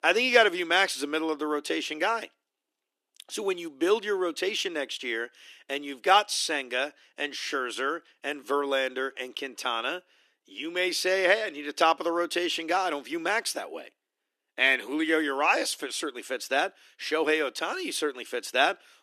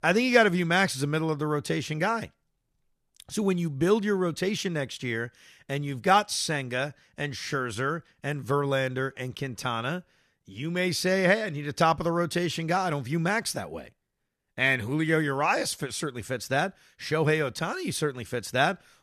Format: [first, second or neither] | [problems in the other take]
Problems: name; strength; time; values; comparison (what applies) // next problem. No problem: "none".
second | thin; somewhat; fading below 300 Hz